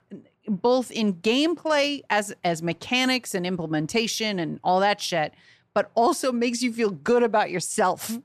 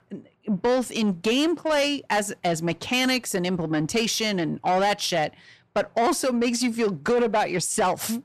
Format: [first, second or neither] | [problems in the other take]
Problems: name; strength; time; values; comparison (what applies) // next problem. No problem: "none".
first | distortion; slight; 10 dB below the speech